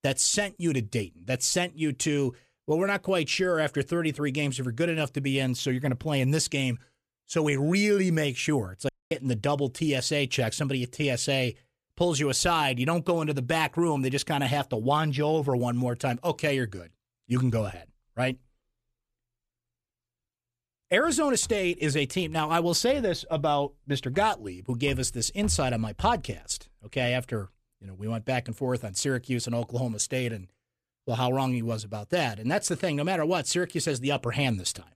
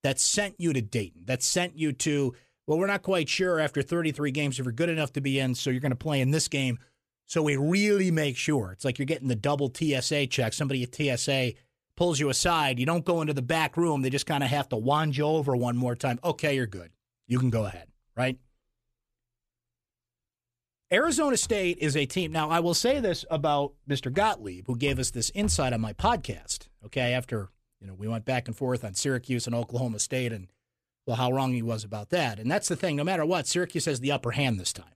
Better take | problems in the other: second | audio cutting out; at 9 s

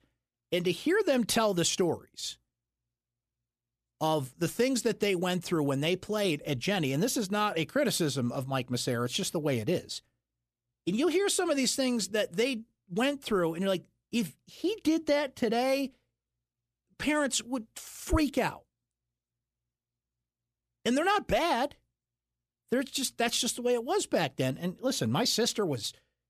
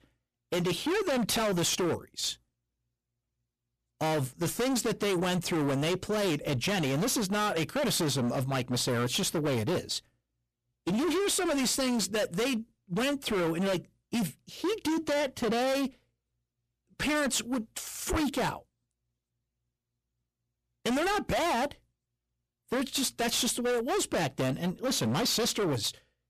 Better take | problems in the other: first | distortion; heavy; 24% of the sound clipped

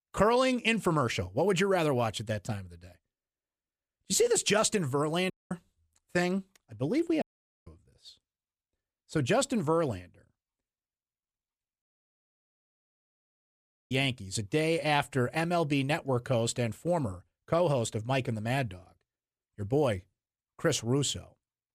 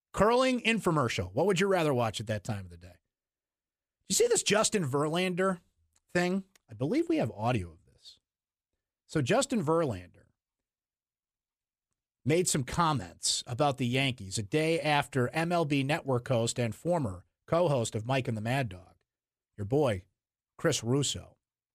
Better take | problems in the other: second | audio cutting out; at 5.5 s, at 7 s and at 12 s for 2 s

